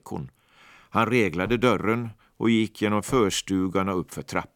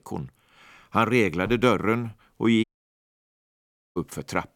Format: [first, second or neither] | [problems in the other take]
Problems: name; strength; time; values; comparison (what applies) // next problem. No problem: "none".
first | audio cutting out; at 2.5 s for 1.5 s